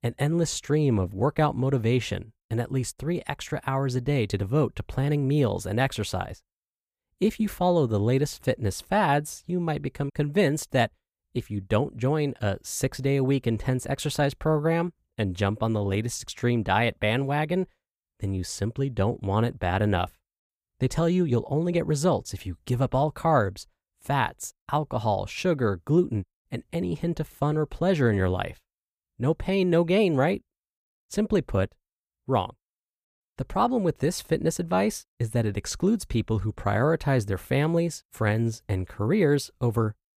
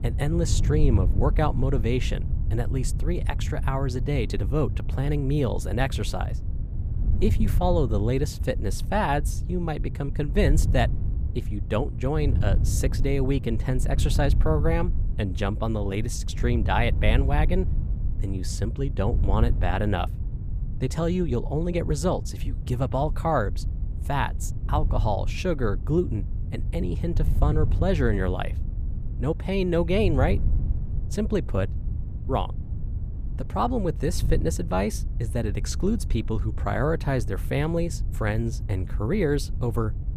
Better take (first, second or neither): first